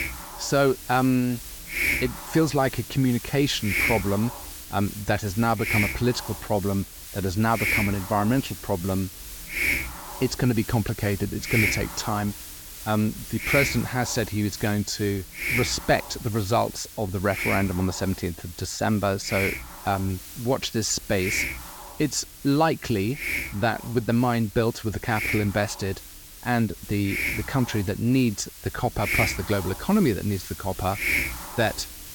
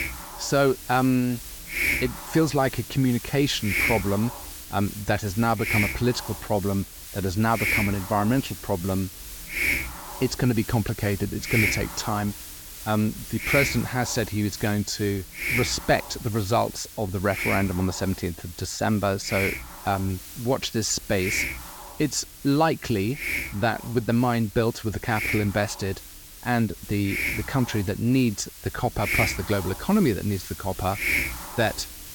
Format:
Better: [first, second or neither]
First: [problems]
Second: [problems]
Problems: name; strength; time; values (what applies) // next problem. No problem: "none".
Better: neither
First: hiss; loud; throughout; 4 dB below the speech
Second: hiss; loud; throughout; 4 dB below the speech